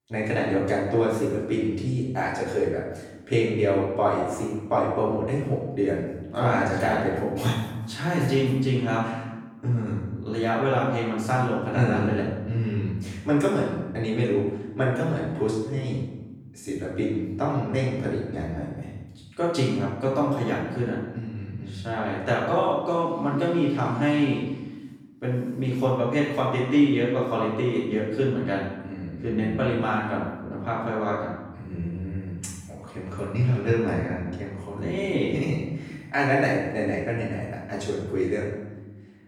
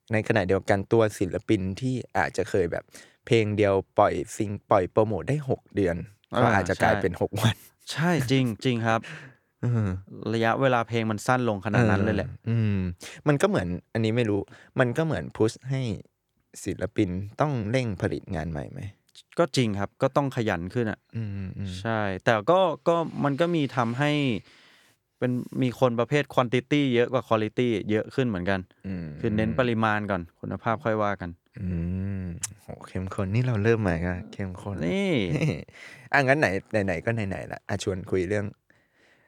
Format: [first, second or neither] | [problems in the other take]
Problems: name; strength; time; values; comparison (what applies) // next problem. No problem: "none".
second | off-mic speech; far // room echo; noticeable; dies away in 1 s